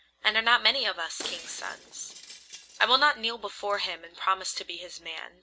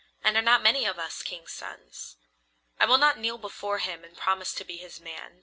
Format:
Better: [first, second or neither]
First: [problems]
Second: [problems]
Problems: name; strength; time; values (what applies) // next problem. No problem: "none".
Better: second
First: background sound (Shatter); 19 dB below the speech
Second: none